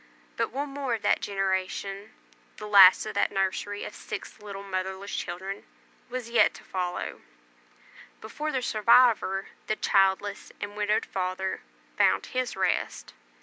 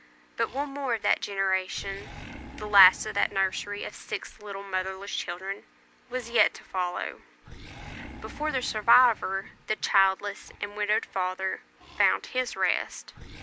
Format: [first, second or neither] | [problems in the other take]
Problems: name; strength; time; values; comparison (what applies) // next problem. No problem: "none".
first | background sound (Animal); 19 dB below the speech